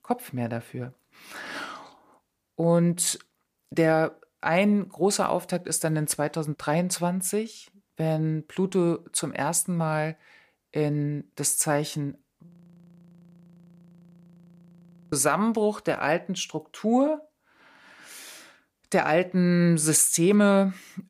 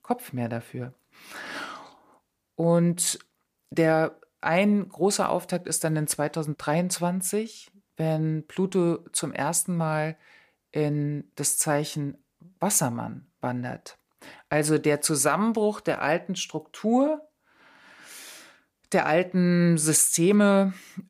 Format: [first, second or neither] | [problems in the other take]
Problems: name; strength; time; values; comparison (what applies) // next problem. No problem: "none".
second | audio freezing; at 12 s for 2.5 s